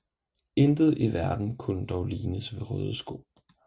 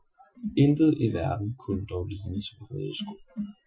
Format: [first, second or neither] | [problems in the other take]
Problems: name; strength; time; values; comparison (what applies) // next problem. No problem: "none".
first | noise reduction (classical method Wiener filter)